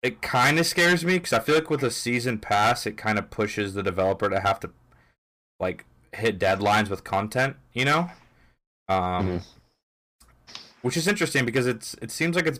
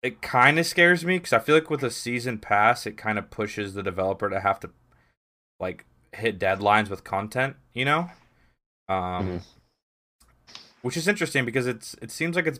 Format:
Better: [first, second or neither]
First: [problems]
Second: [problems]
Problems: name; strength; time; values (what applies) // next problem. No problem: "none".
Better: second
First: distortion; heavy; 5% of the sound clipped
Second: none